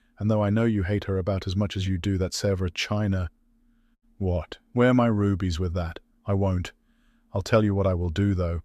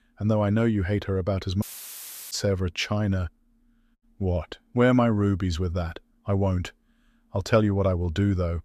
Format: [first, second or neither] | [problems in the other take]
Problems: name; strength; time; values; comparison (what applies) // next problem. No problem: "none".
first | audio cutting out; filled with static; at 1.5 s for 0.5 s